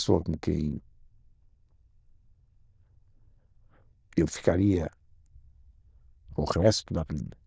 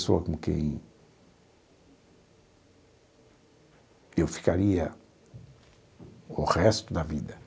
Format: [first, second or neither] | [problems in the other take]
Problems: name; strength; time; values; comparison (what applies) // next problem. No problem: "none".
second | noise reduction (neural diffusion model UNIVERSE++)